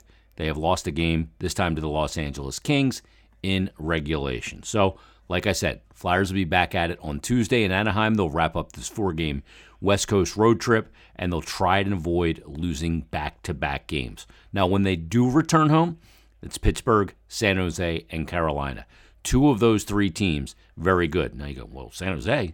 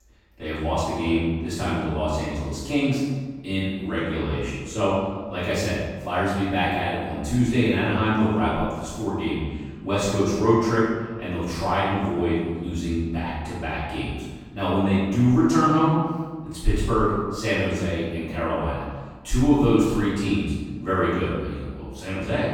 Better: first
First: none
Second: off-mic speech; far // room echo; strong; dies away in 1.3 s

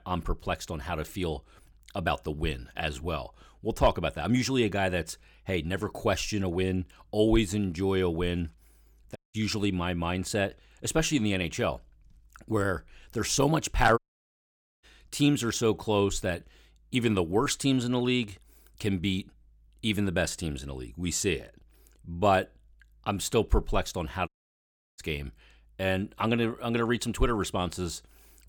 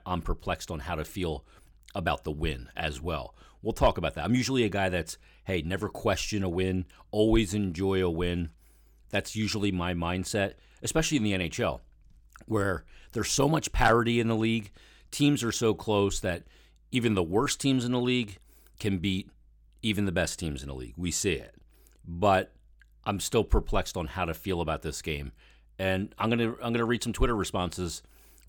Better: second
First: audio cutting out; at 9 s, at 14 s for 1 s and at 24 s for 0.5 s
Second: none

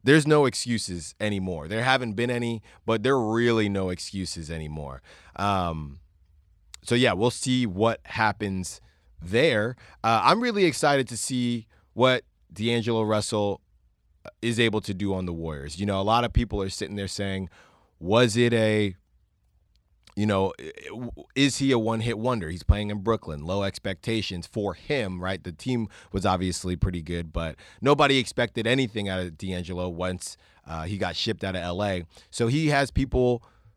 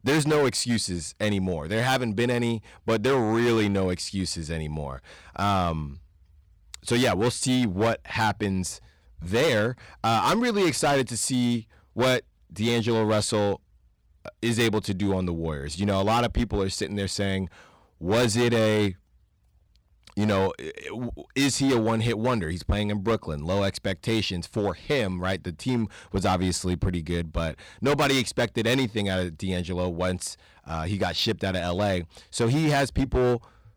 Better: first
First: none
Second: distortion; heavy; 9% of the sound clipped

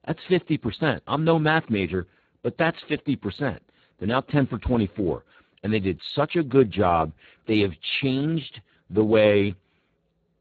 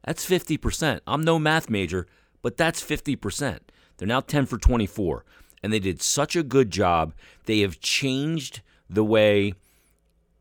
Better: second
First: garbled, watery; badly; nothing above 4 kHz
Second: none

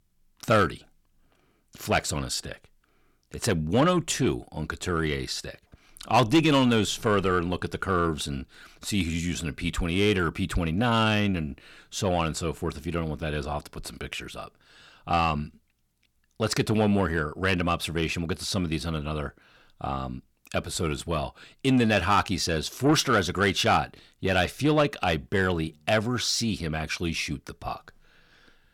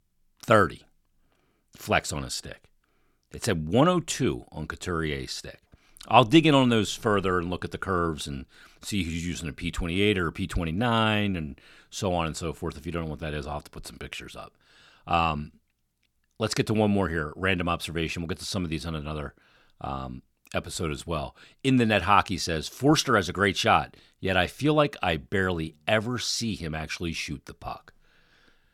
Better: second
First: distortion; slight; 10 dB below the speech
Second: none

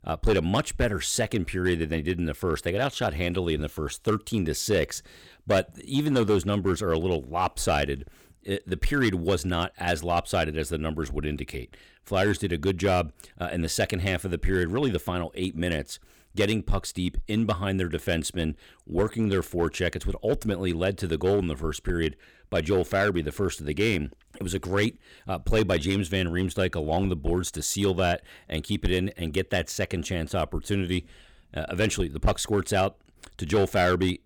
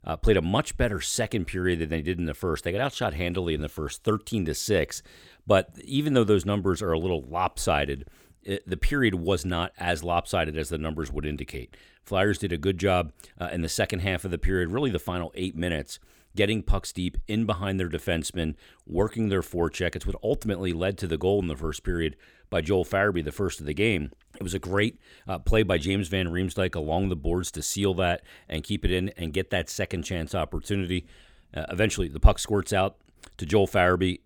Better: second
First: distortion; slight; 3% of the sound clipped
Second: none

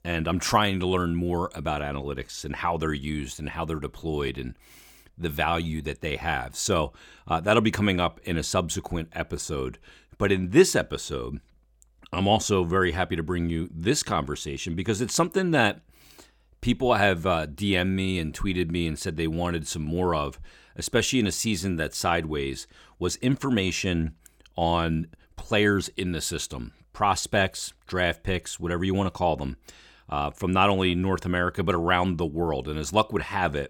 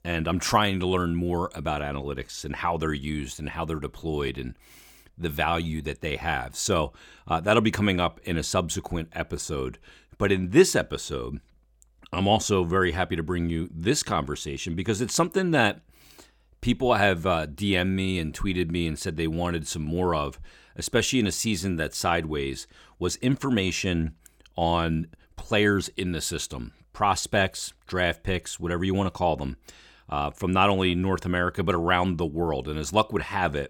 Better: neither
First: none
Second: none

